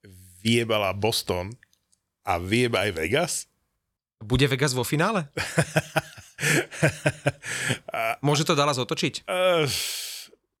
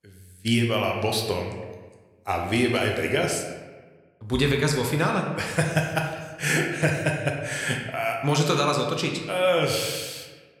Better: first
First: none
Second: room echo; slight; dies away in 1.1 s

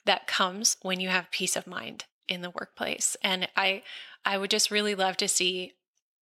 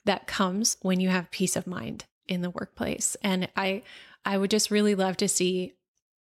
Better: second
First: thin; somewhat; fading below 550 Hz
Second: none

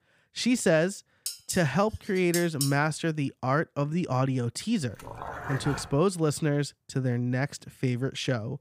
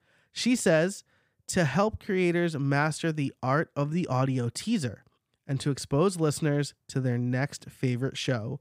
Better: second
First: clattering dishes; noticeable; from 1.5 to 2.5 s; peak 3 dB below the speech // dog barking; noticeable; at 5 s; peak 8 dB below the speech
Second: none

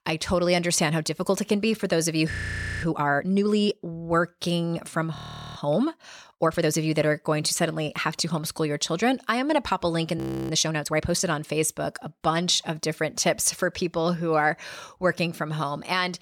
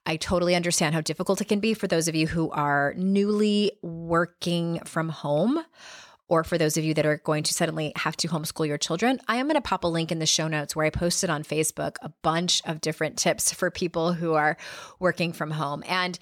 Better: second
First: audio freezing; at 2.5 s for 0.5 s, at 5 s and at 10 s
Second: none

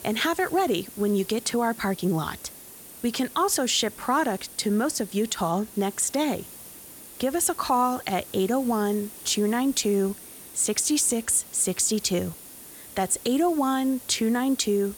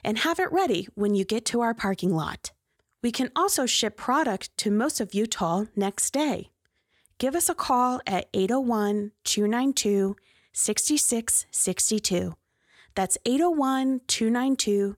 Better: second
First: hiss; noticeable; throughout; 15 dB below the speech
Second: none

